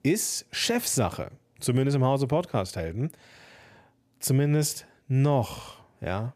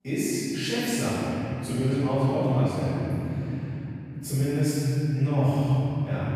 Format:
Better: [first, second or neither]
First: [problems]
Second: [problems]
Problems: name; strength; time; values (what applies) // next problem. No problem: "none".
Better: first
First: none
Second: off-mic speech; far // room echo; strong; dies away in 3 s